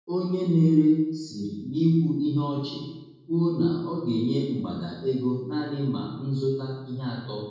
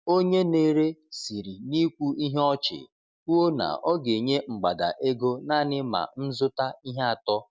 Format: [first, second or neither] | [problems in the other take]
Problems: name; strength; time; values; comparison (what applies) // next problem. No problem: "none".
second | room echo; dies away in 1.1 s